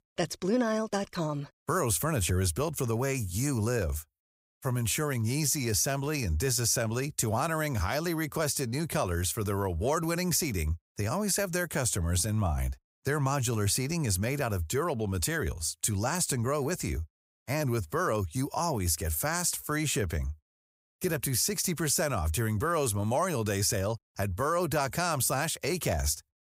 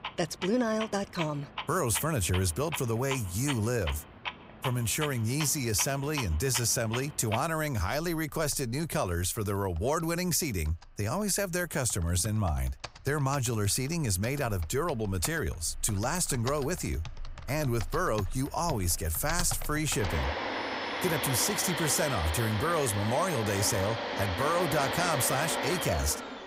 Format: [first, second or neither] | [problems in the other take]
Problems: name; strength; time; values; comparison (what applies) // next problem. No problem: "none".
first | household noises; loud; throughout; 7 dB below the speech